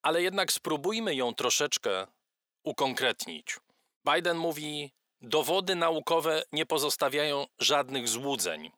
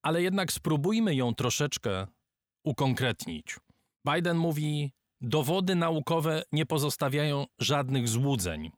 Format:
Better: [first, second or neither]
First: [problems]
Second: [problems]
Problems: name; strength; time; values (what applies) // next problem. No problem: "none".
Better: second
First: thin; somewhat; fading below 450 Hz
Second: none